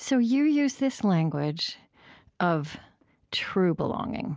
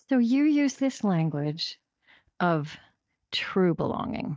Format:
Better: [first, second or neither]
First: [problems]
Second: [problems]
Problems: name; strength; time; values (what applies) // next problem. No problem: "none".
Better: first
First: none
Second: noise reduction (neural mask model DeepFilterNet 3)